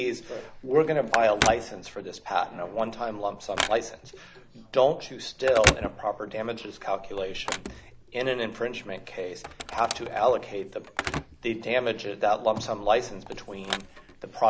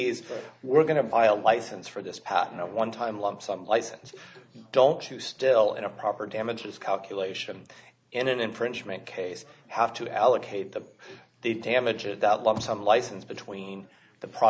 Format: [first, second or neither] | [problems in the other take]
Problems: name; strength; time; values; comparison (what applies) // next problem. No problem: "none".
second | background sound (Telephone); 7 dB below the speech